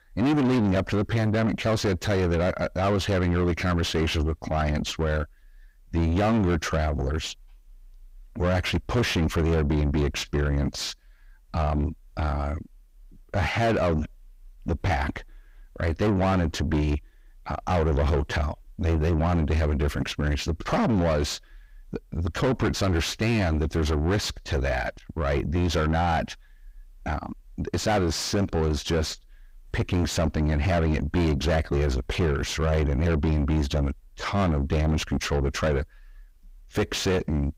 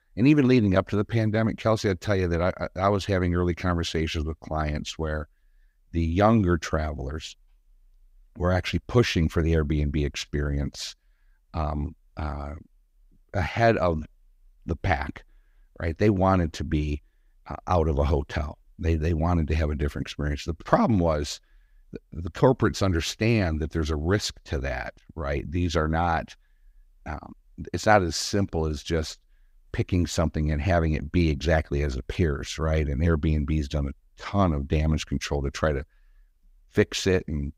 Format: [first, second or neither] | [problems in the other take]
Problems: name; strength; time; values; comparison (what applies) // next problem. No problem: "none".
second | distortion; heavy; 5 dB below the speech